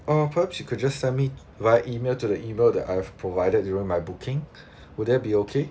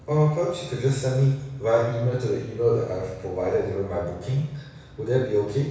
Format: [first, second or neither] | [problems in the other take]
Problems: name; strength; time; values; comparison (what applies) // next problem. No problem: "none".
first | room echo; dies away in 1.1 s